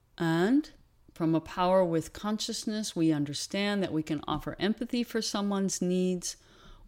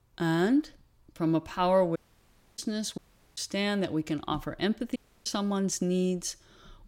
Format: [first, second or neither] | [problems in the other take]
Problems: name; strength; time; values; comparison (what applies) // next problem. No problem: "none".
first | audio cutting out; at 2 s for 0.5 s, at 3 s and at 5 s